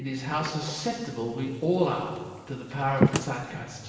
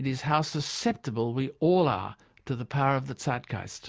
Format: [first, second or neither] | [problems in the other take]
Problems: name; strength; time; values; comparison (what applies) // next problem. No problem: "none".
second | background sound (Slam); 3 dB below the speech // room echo; dies away in 1.2 s